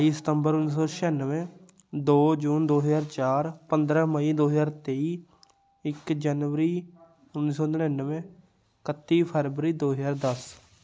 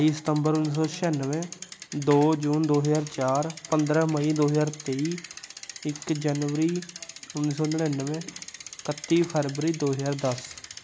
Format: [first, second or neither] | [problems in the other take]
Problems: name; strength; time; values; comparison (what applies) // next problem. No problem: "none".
first | background sound (Bicycle); 16 dB below the speech